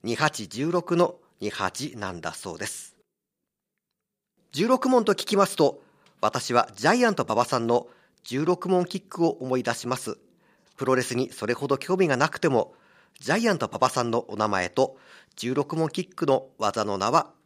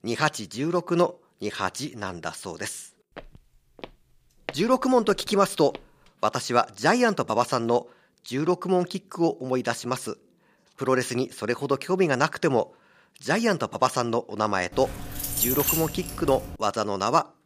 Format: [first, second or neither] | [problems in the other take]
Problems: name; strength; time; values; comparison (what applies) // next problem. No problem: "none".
first | footsteps; faint; from 3 to 6 s; peak 15 dB below the speech // jangling keys; loud; from 15 to 17 s; peak 4 dB above the speech